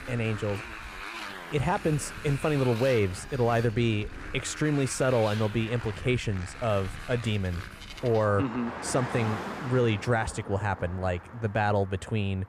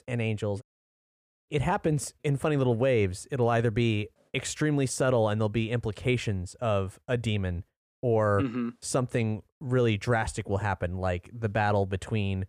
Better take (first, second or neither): second